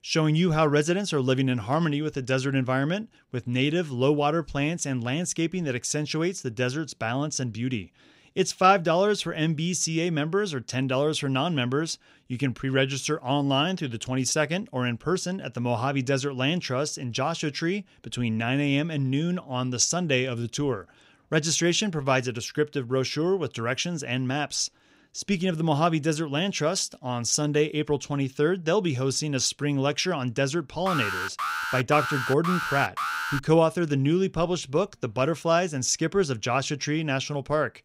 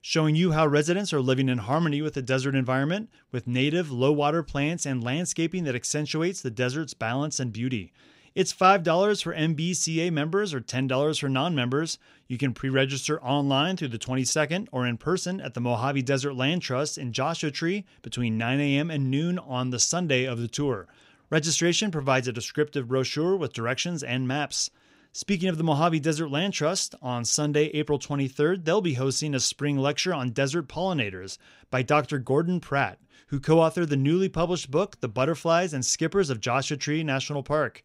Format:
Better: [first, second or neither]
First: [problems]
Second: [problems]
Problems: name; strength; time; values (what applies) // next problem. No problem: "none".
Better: second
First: alarm; noticeable; from 31 to 33 s; peak 2 dB below the speech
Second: none